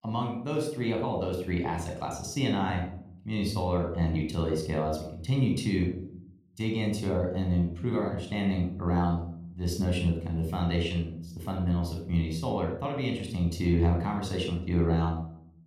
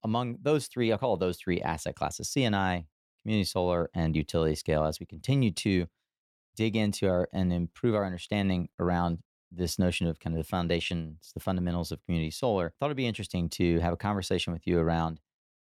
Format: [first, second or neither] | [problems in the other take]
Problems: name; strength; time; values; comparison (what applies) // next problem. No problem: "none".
second | off-mic speech; somewhat distant // room echo; slight; dies away in 0.6 s